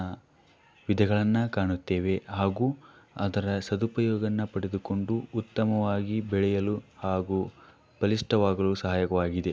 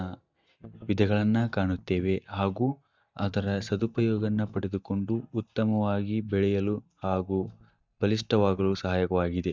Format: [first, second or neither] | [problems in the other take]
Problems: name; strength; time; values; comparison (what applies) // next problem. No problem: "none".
first | noise reduction (neural mask model DeepFilterNet 3)